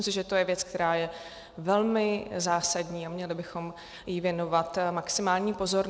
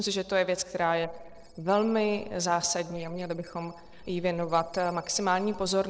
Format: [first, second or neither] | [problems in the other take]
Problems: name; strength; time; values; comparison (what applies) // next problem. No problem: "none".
first | noise reduction (neural separator model SepFormer DNS4)